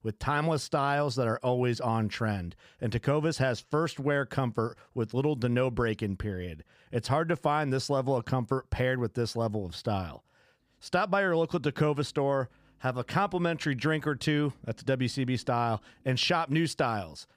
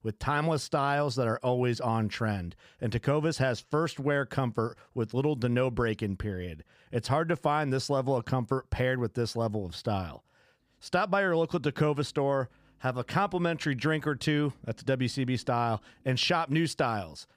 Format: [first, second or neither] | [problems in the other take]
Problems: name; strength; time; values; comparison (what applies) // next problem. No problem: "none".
neither | none